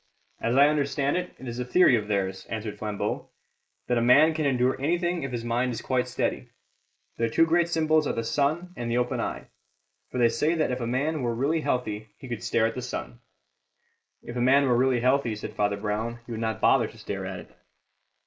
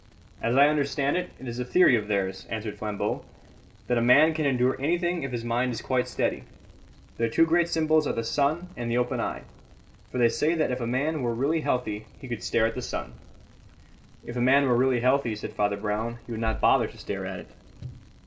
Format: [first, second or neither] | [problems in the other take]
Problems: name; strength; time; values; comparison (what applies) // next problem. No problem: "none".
second | noise reduction (neural mask model Resemble Enhance denoiser)